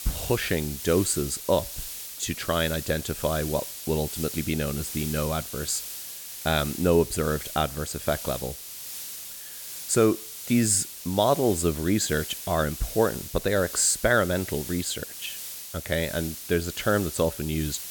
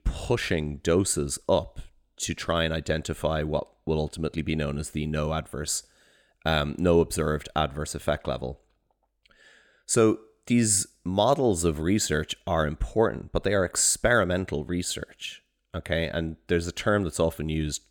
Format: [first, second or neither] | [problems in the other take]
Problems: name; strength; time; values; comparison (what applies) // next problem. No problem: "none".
second | hiss; loud; throughout; 9 dB below the speech